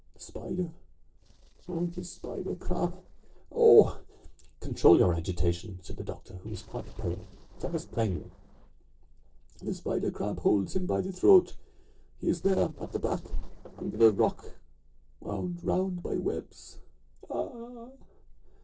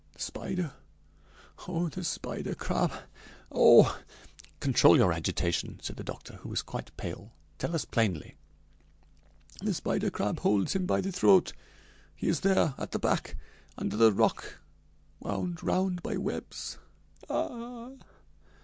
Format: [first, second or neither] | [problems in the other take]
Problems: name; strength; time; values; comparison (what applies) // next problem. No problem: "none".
second | noise reduction (neural separator model SepFormer DNS4)